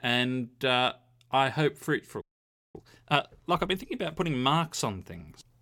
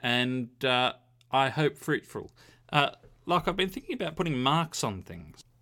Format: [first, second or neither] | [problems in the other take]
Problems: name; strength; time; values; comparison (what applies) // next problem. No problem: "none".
second | audio freezing; at 2 s for 0.5 s